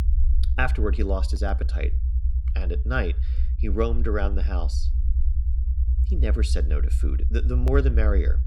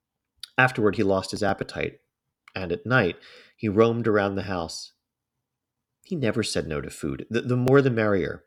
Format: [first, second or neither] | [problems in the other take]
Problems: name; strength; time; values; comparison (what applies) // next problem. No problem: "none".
second | low rumble; noticeable; throughout; 15 dB below the speech